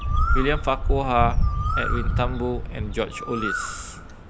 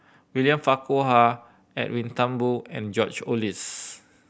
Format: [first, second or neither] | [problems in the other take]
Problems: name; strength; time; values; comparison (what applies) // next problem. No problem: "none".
second | background sound (Bird); 4 dB above the speech